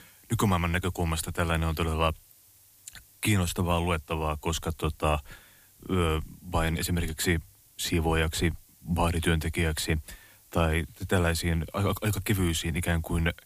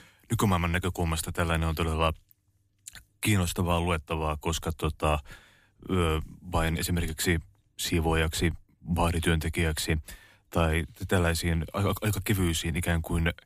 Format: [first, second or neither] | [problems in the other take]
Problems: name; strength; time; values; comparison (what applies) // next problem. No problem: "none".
second | hiss; faint; throughout; 25 dB below the speech